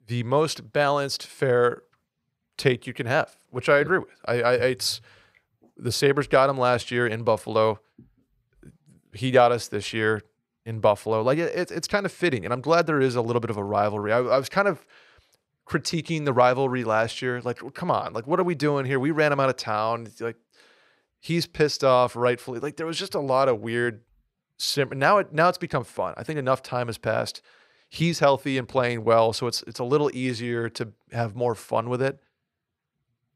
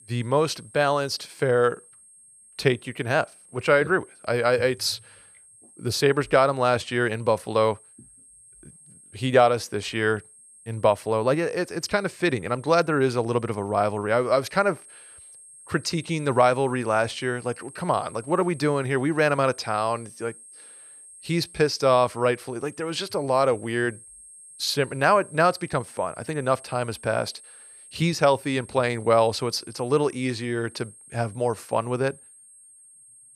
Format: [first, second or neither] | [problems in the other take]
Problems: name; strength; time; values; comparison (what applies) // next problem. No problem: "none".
first | high-pitched whine; faint; throughout; 8.5 kHz, 20 dB below the speech